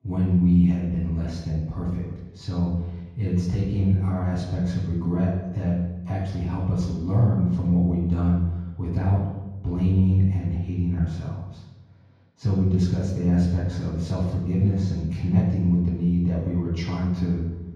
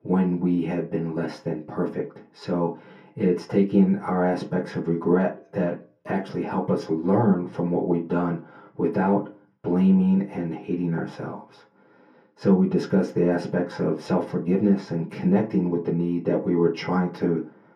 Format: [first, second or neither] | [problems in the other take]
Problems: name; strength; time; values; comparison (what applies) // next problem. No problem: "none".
second | room echo; strong; dies away in 1.3 s; slight in the second // off-mic speech; far; far in the second